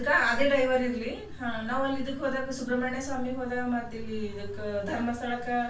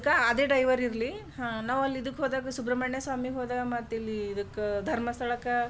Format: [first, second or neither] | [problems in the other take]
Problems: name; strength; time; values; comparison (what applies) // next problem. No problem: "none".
second | room echo; dies away in 0.3 s